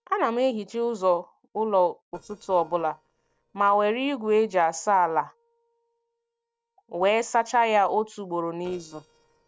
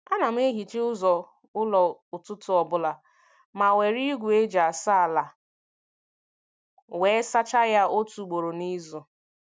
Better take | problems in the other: second | noise reduction (neural separator model SepFormer DNS4)

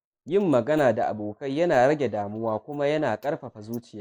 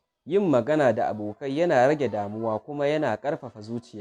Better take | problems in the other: second | noise reduction (neural mask model Resemble Enhance denoiser)

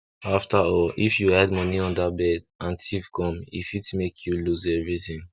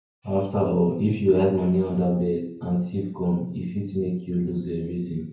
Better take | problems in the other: first | room echo; dies away in 0.9 s

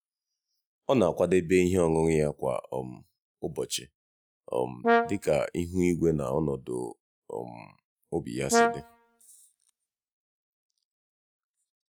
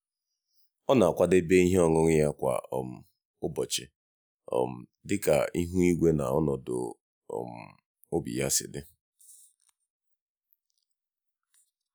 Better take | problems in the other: second | noise reduction (neural mask model RNNoise)

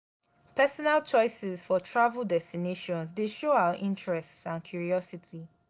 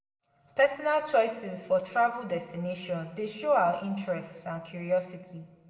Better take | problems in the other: first | room echo; dies away in 1.3 s

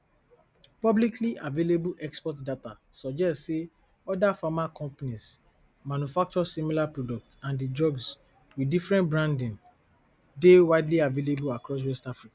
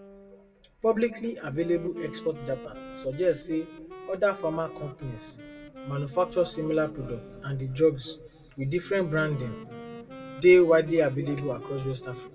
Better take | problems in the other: first | background sound (Wind instrument, woodwind instrument); 17 dB below the speech // room echo; dies away in 1.5 s

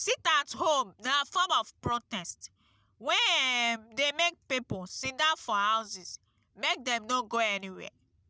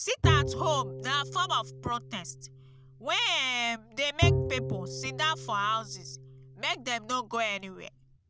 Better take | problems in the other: first | background sound (Bowed string instrument); 2 dB below the speech

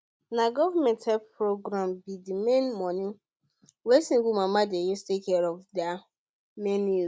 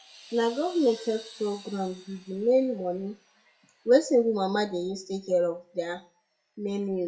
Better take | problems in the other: first | noise reduction (classical method WPE with log-MMSE)

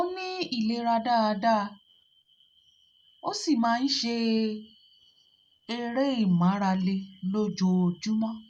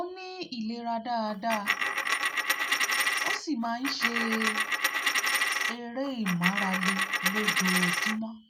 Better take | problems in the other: first | background sound (Coin (dropping)); 5 dB above the speech

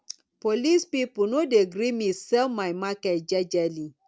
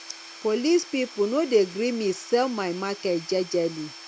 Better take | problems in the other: first | background sound (Tools / Domestic sounds, home sounds); 18 dB below the speech

